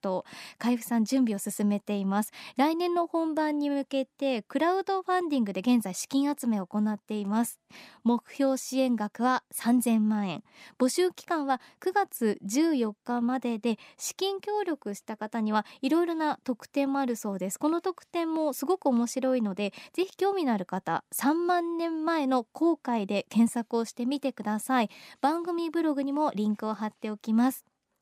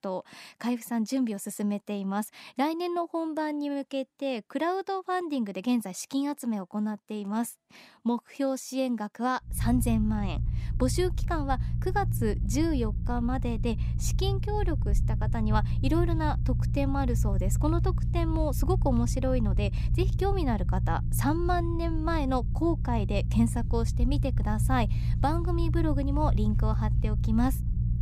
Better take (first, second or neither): first